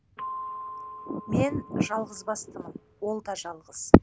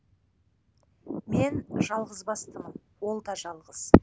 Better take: second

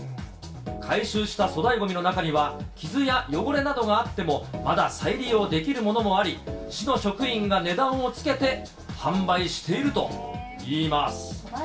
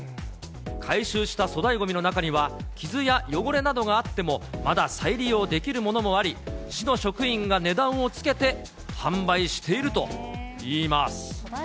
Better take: second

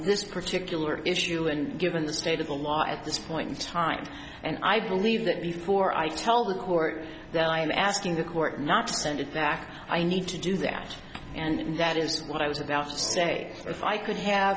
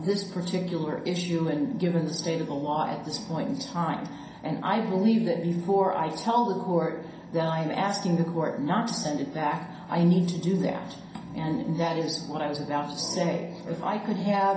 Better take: first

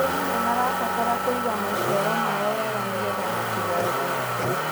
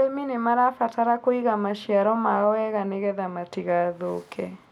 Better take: second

